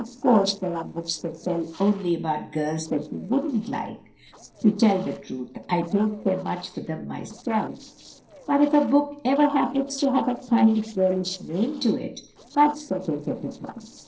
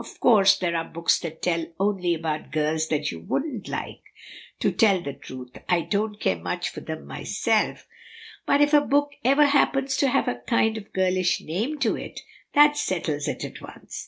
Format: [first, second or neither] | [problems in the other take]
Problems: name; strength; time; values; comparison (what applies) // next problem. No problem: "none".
second | noise reduction (neural separator model SepFormer DNS4)